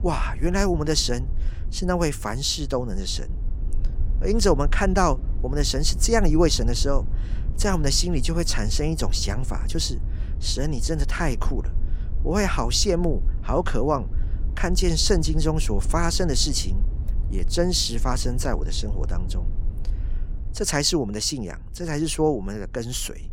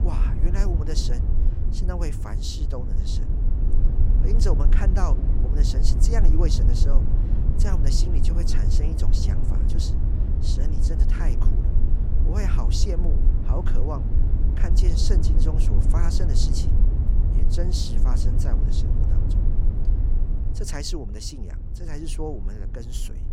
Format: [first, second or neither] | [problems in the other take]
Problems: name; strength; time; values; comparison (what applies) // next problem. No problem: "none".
first | low rumble; loud; throughout; 4 dB below the speech; faint in the first